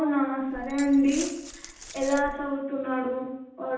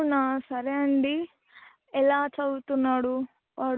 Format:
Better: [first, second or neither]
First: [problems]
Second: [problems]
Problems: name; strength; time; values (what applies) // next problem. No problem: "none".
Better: second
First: background sound (Glass); 15 dB below the speech // room echo; dies away in 0.9 s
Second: none